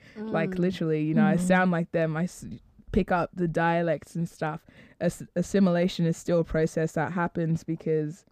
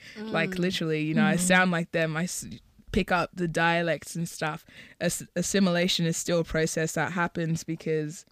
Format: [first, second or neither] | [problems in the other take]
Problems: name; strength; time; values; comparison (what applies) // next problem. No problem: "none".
second | muffled; slightly; fading above 1.5 kHz